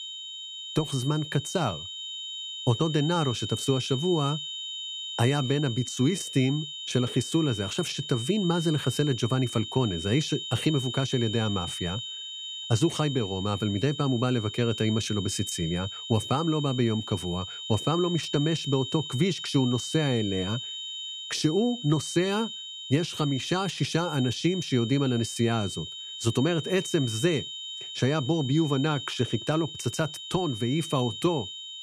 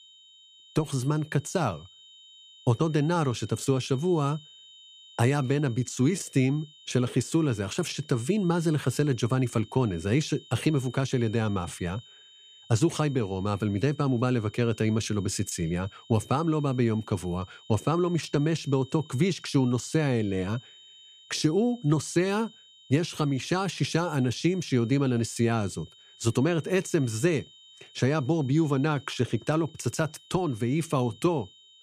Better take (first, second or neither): second